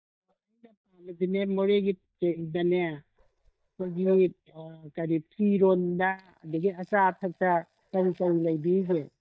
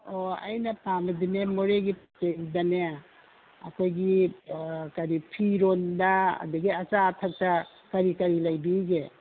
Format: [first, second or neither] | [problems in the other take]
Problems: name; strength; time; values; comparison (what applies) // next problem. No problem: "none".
second | noise reduction (neural mask model DeepFilterNet 3)